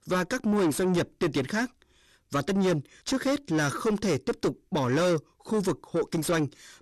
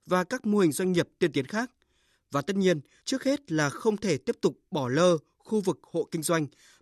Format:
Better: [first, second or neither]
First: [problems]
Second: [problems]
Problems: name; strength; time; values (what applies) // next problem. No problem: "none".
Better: second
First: distortion; heavy; 7 dB below the speech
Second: none